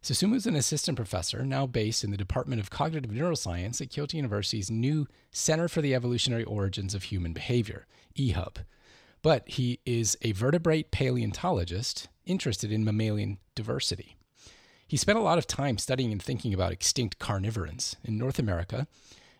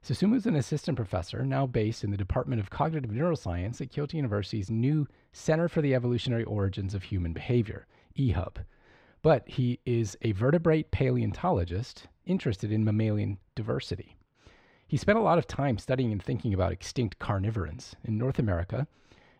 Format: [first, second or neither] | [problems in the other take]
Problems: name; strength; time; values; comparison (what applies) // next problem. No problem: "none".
first | muffled; very; fading above 3.5 kHz